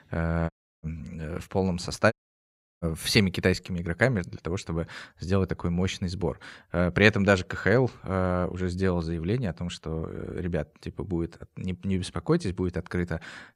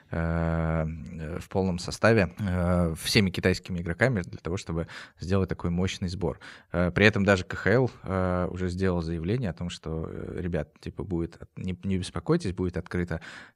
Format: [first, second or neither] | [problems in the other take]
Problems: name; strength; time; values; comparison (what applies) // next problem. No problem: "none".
second | audio cutting out; at 0.5 s and at 2 s for 0.5 s